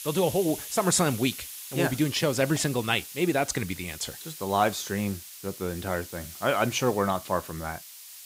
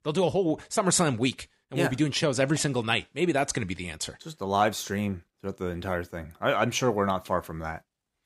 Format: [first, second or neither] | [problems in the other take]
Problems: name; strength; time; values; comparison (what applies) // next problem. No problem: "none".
second | hiss; noticeable; throughout; 10 dB below the speech